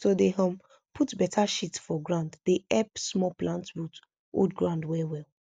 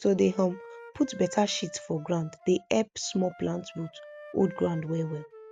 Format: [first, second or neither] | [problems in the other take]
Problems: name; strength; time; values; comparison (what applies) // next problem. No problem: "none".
first | background sound (Wind instrument, woodwind instrument); 18 dB below the speech